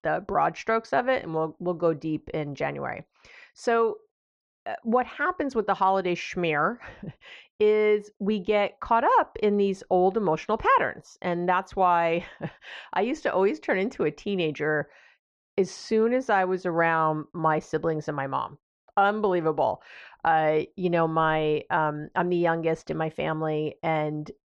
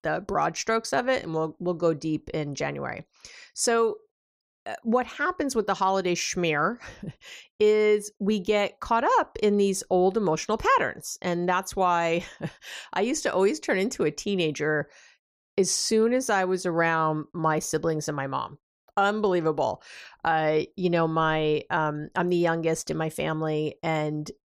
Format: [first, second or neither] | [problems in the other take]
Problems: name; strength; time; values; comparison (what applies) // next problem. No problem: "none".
second | muffled; very; fading above 2.5 kHz